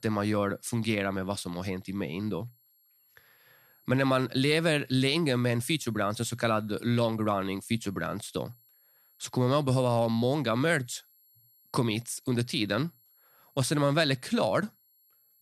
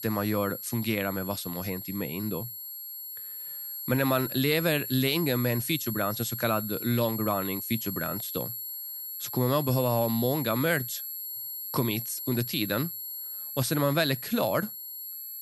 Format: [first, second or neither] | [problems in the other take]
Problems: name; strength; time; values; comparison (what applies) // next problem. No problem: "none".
first | high-pitched whine; loud; throughout; 11.5 kHz, 6 dB below the speech; faint in the first